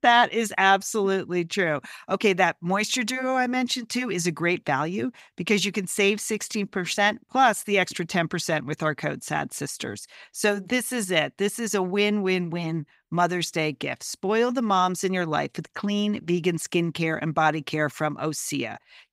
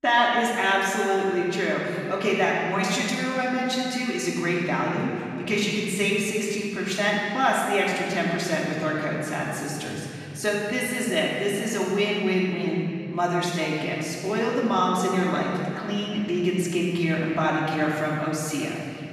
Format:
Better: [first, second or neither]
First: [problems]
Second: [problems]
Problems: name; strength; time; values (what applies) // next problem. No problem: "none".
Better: first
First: none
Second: off-mic speech; far // room echo; noticeable; dies away in 2.9 s